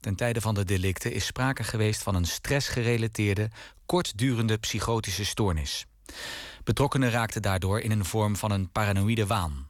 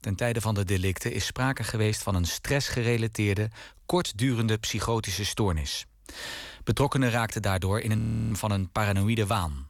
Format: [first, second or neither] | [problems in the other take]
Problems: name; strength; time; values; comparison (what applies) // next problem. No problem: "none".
first | audio freezing; at 8 s